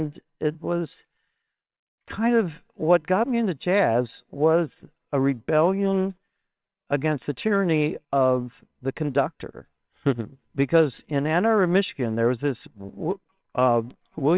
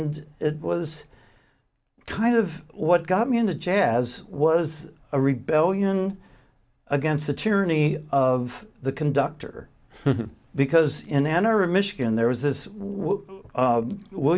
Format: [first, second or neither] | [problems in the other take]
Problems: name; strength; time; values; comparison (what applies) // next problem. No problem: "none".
second | noise reduction (neural separator model SepFormer WHAMR!)